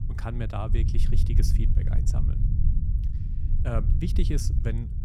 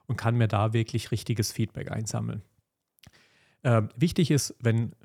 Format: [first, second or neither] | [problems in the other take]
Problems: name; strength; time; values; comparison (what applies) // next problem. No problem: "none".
second | low rumble; loud; throughout; 5 dB below the speech